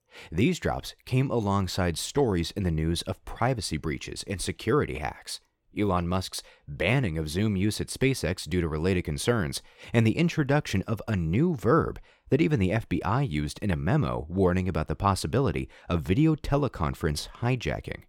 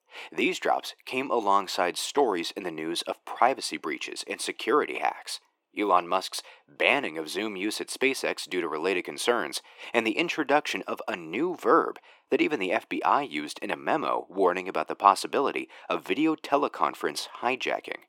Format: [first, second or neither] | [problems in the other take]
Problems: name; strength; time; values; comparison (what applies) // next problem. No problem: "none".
first | thin; very; fading below 300 Hz